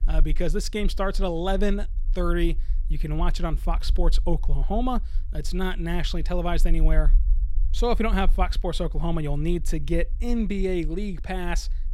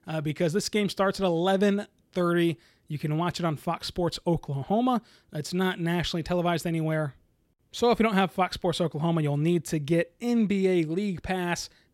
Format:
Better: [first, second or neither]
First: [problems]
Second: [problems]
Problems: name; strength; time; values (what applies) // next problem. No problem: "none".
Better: second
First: low rumble; faint; throughout; 25 dB below the speech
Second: none